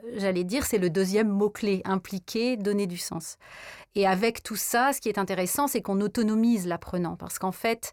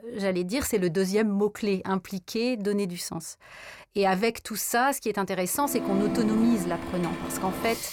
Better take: first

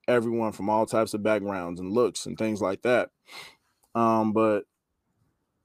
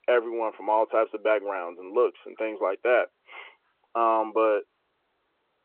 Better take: first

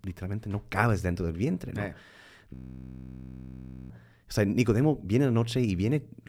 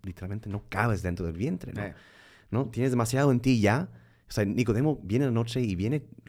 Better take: second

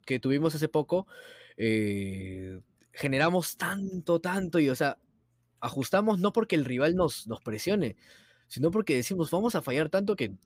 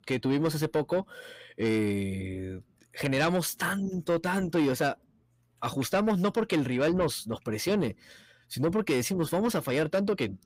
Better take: first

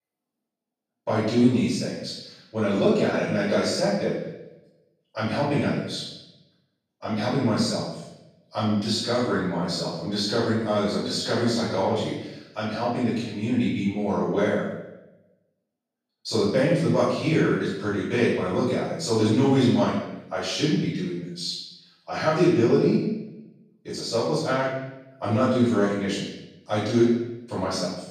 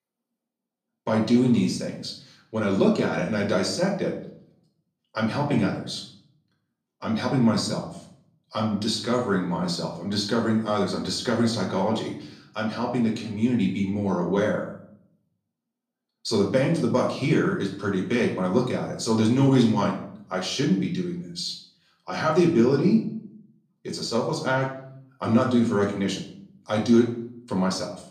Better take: second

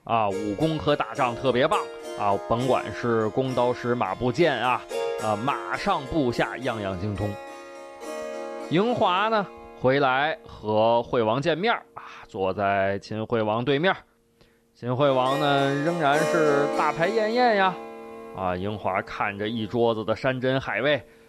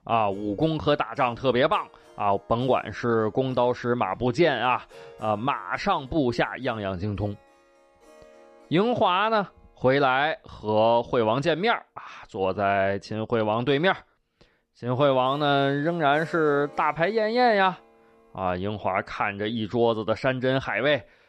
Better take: second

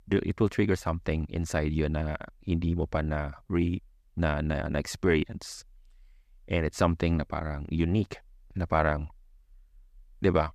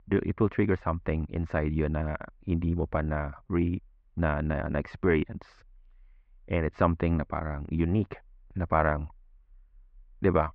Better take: first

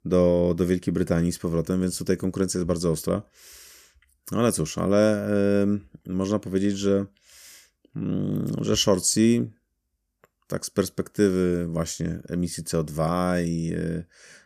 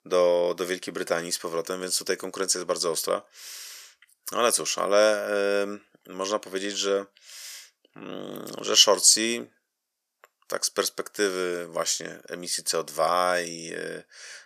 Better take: first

